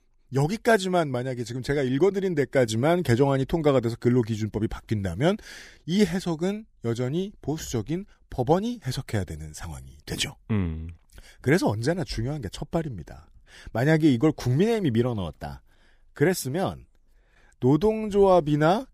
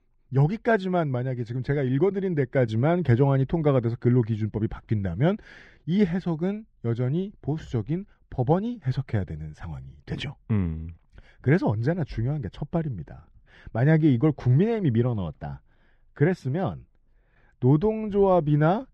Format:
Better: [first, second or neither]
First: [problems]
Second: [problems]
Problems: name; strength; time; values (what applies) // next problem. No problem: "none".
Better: first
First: none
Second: muffled; slightly; fading above 2.5 kHz